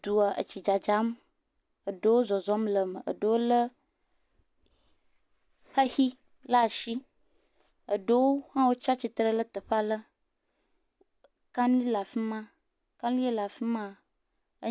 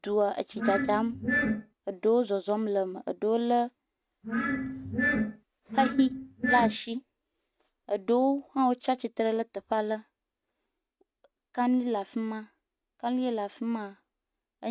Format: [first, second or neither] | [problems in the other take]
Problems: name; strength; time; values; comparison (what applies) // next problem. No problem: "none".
first | noise reduction (neural mask model RNNoise)